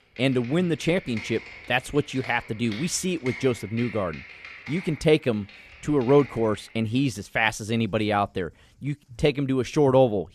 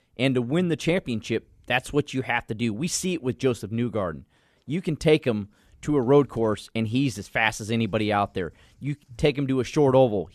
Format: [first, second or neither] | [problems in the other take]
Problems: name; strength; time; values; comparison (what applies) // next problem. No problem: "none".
second | keyboard typing; faint; until 6.5 s; peak 10 dB below the speech